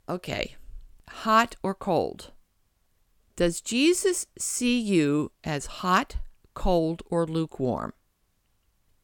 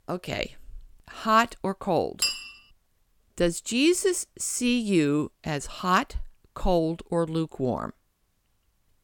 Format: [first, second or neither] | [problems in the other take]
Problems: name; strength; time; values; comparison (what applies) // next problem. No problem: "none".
first | clattering dishes; noticeable; at 2 s; peak level with the speech